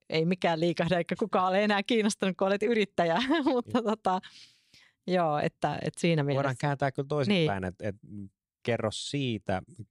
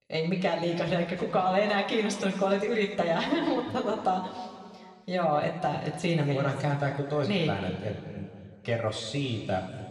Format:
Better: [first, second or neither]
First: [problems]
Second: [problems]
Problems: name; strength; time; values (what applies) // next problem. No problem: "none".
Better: first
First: none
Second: room echo; noticeable; dies away in 2.2 s // off-mic speech; somewhat distant